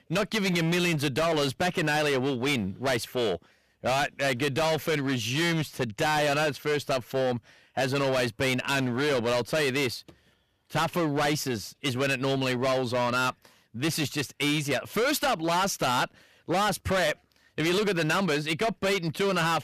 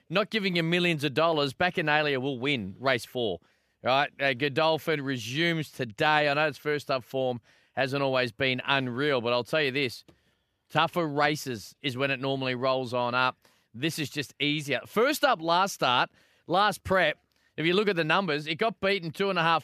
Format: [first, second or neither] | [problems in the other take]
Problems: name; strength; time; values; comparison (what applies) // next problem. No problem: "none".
second | distortion; heavy; 21% of the sound clipped